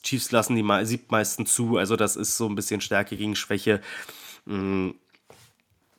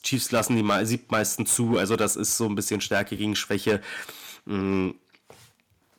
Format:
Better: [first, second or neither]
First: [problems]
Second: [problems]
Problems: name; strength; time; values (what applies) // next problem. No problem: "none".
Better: first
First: none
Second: distortion; slight; 3% of the sound clipped